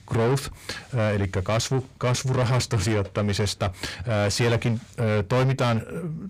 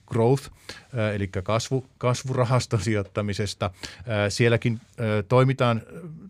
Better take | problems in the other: second | distortion; heavy; 6 dB below the speech

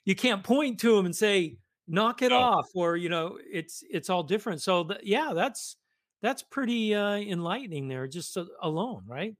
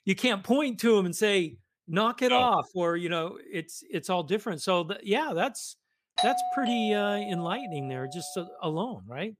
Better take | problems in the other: first | doorbell; loud; from 6 to 8 s; peak 1 dB above the speech

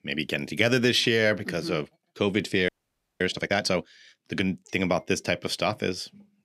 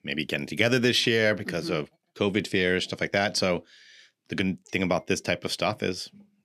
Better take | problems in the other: second | audio freezing; at 2.5 s for 0.5 s

